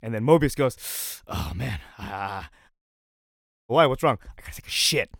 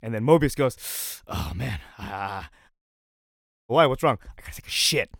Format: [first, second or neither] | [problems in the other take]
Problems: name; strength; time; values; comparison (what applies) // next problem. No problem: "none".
neither | audio cutting out; at 2.5 s for 1 s; the same in both